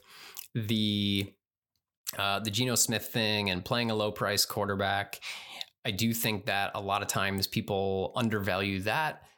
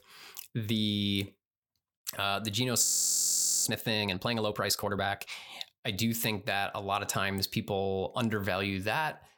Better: first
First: none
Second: audio freezing; at 3 s for 1 s

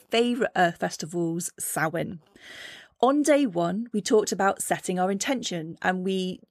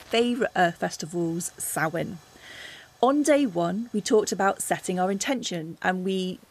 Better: first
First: none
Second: hiss; faint; throughout; 30 dB below the speech

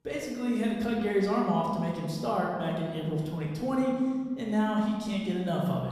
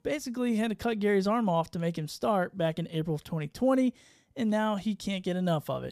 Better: second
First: room echo; noticeable; dies away in 1.5 s // off-mic speech; far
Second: none

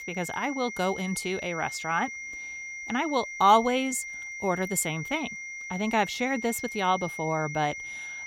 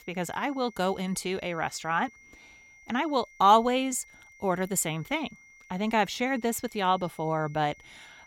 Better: second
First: high-pitched whine; loud; throughout; 2 kHz, 8 dB below the speech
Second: high-pitched whine; faint; throughout; 2 kHz, 25 dB below the speech

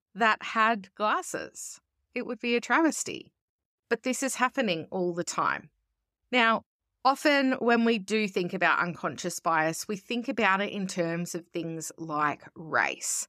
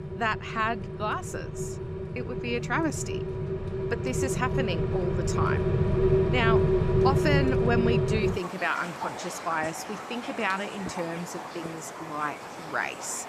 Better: first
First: none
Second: rain or running water; very loud; throughout; 2 dB above the speech

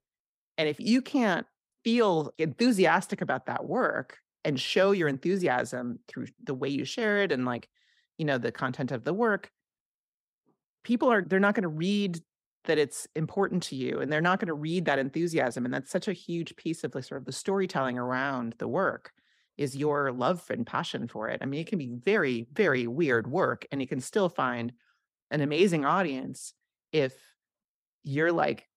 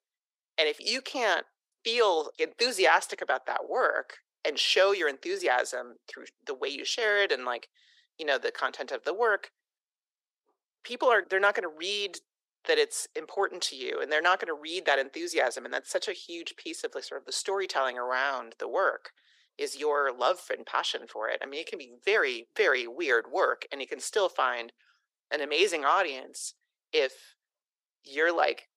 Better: first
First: none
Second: thin; very; fading below 400 Hz

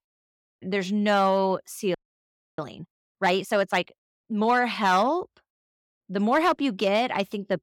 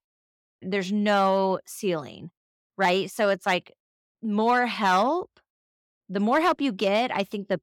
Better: second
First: audio freezing; at 2 s for 0.5 s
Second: none

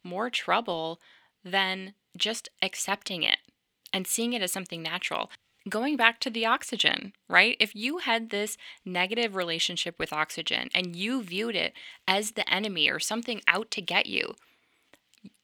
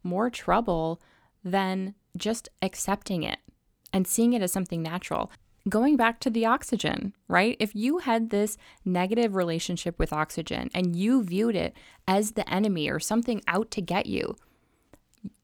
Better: second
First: thin; very slightly; fading below 800 Hz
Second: none

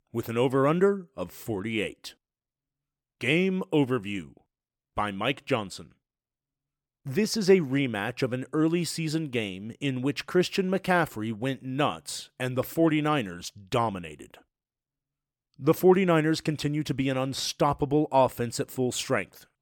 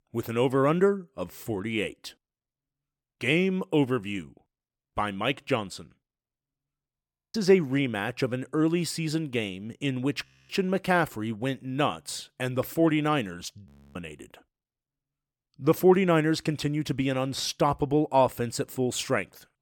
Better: first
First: none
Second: audio freezing; at 7 s, at 10 s and at 14 s

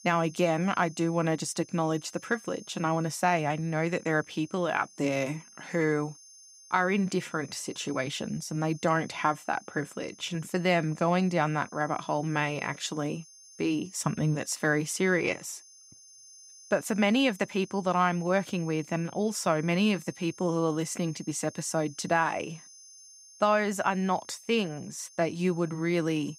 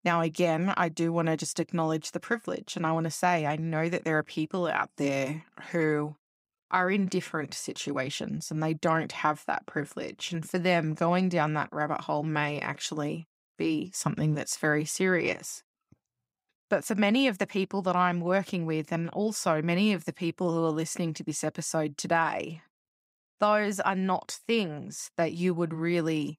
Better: second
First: high-pitched whine; faint; throughout; 6.5 kHz, 20 dB below the speech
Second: none

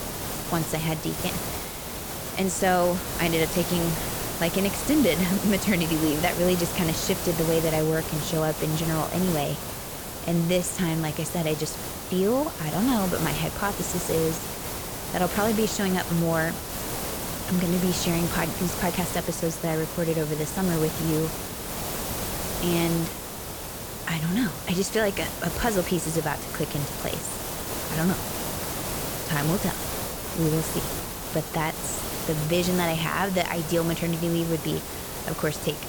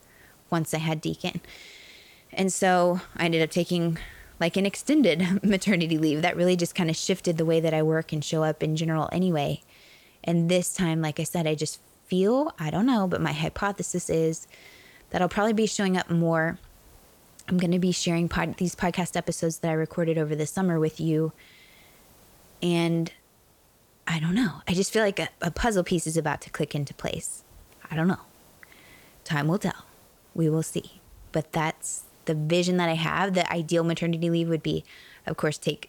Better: second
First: hiss; loud; throughout; 4 dB below the speech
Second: hiss; faint; throughout; 30 dB below the speech

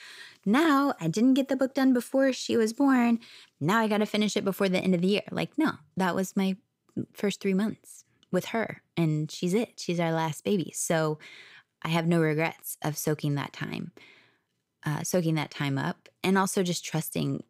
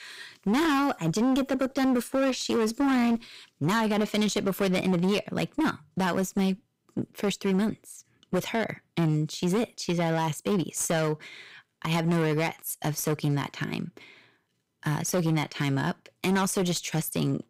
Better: first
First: none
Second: distortion; slight; 17% of the sound clipped

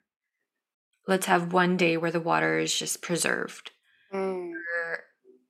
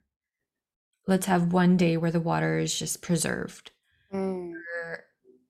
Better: second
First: thin; somewhat; fading below 300 Hz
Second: none

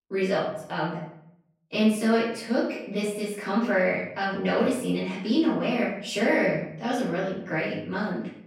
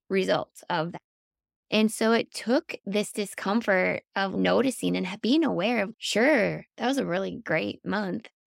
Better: second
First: off-mic speech; far // room echo; noticeable; dies away in 0.6 s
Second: none

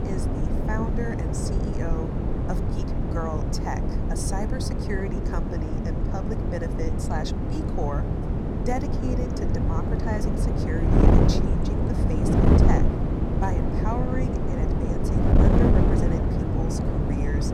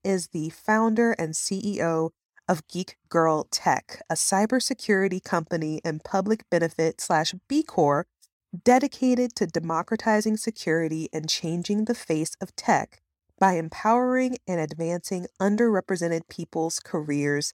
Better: second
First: wind noise on the microphone; heavy; 4 dB above the speech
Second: none

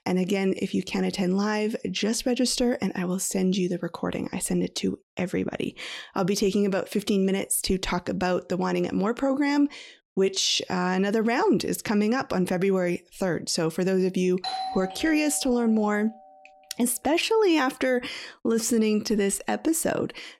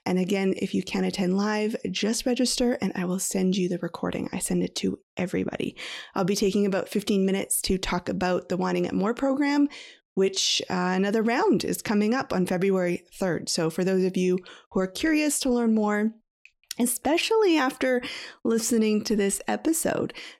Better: second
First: doorbell; noticeable; from 14 to 16 s; peak 5 dB below the speech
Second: none

